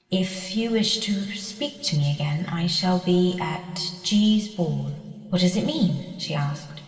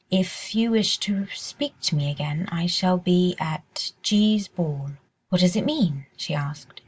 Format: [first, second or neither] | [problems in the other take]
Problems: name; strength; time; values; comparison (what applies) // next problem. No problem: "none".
second | room echo; dies away in 2.3 s